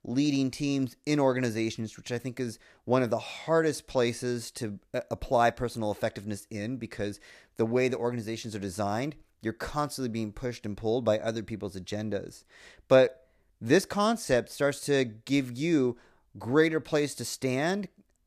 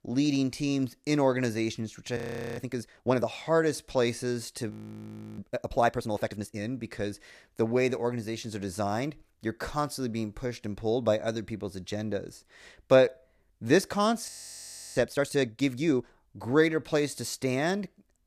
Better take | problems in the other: first | audio freezing; at 2 s, at 4.5 s for 0.5 s and at 14 s for 0.5 s

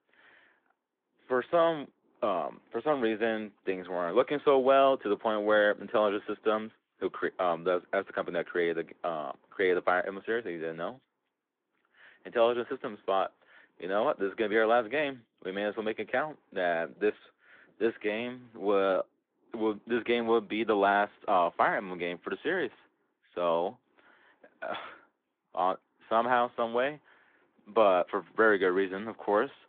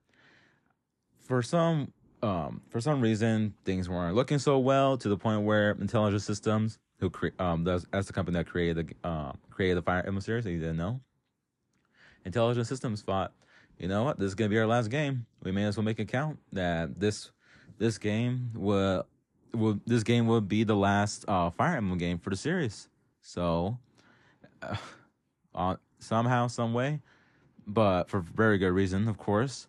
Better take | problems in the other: second | phone-call audio

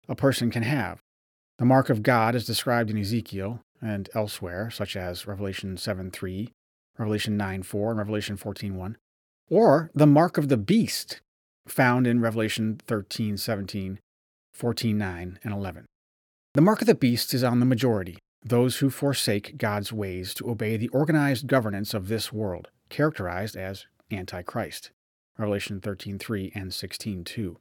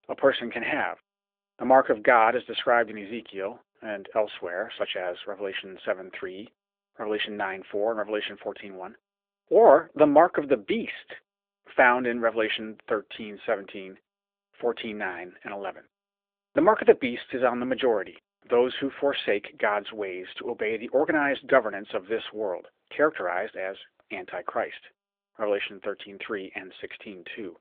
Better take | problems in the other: first | phone-call audio

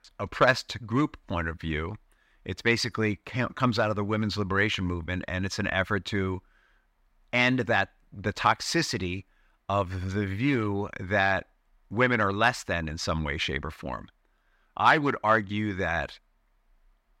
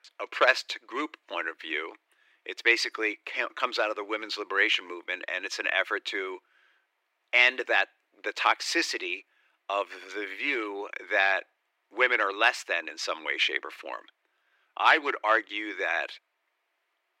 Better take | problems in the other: first | thin; very; fading below 350 Hz

